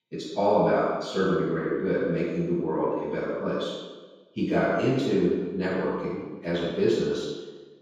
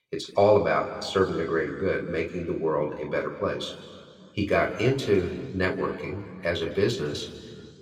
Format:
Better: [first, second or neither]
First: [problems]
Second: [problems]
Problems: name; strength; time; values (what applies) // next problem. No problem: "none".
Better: second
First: room echo; strong; dies away in 1.2 s // off-mic speech; far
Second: room echo; slight; dies away in 2 s // off-mic speech; somewhat distant